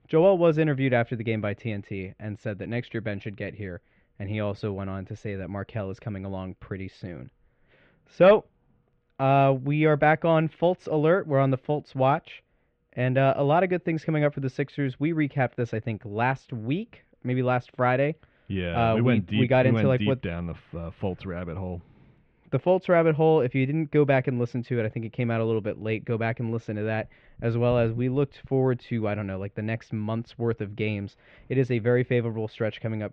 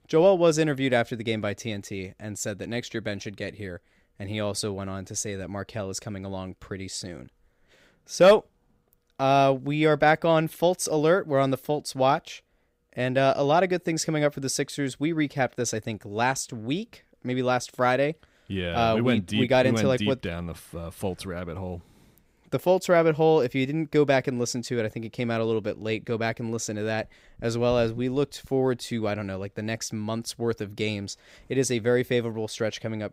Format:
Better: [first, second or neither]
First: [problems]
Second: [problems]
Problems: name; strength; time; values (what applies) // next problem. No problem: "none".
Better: second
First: muffled; very; fading above 3 kHz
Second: none